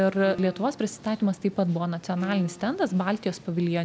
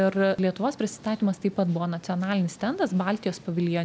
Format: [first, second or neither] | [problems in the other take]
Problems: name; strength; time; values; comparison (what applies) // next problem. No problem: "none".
second | background sound (Piano); 18 dB below the speech